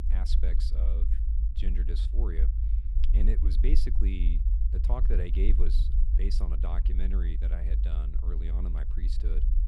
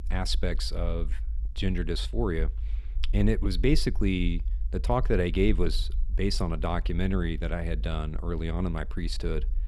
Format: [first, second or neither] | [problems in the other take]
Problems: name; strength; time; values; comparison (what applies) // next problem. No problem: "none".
second | low rumble; loud; throughout; 5 dB below the speech; faint in the second